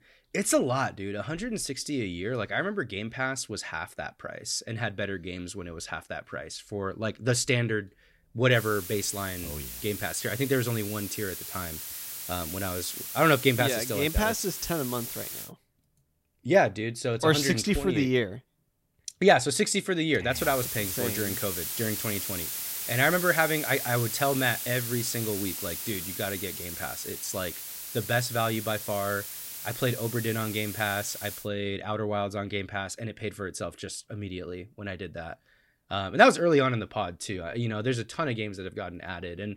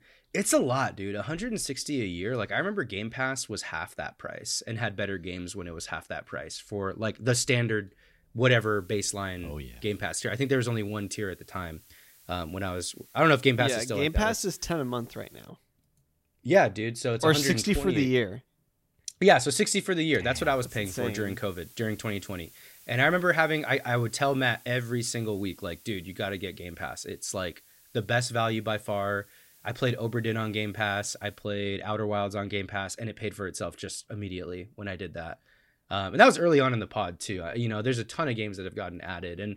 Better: second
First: hiss; loud; from 8.5 to 15 s and from 20 to 31 s; 5 dB below the speech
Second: hiss; faint; from 8.5 to 15 s and from 20 to 31 s; 25 dB below the speech

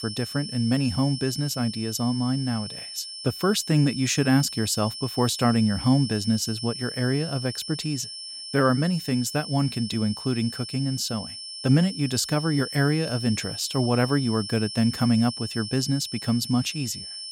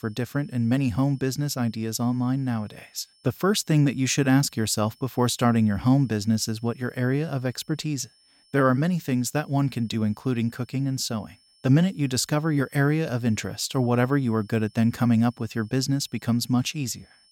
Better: second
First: high-pitched whine; loud; throughout; 5.5 kHz, 9 dB below the speech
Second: high-pitched whine; faint; throughout; 5.5 kHz, 30 dB below the speech

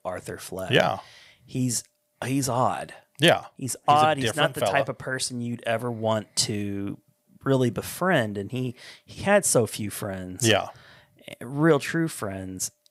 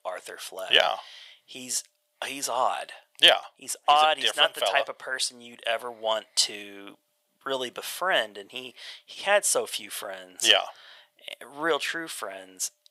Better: first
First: none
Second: thin; very; fading below 700 Hz

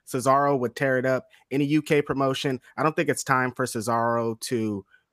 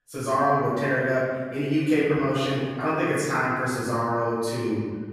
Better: first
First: none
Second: room echo; strong; dies away in 1.5 s // off-mic speech; far

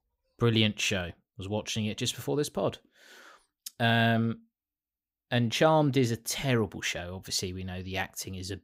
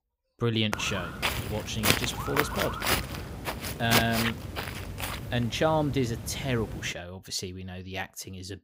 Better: first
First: none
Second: footsteps; loud; from 0.5 to 6.5 s; peak 5 dB above the speech

